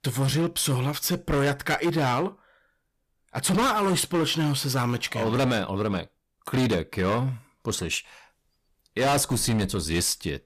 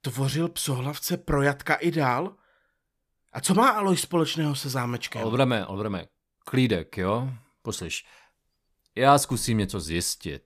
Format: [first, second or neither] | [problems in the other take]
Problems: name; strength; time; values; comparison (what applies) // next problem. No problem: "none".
second | distortion; heavy; 13% of the sound clipped